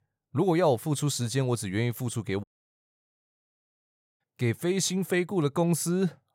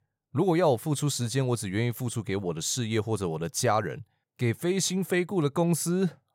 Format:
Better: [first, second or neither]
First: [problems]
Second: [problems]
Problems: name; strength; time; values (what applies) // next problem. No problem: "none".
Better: second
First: audio cutting out; at 2.5 s for 2 s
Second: none